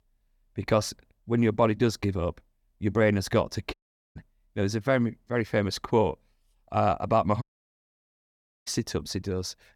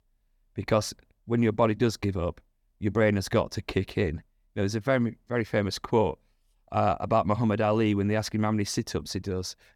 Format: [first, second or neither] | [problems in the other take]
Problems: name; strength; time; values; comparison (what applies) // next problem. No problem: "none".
second | audio cutting out; at 3.5 s and at 7.5 s for 1 s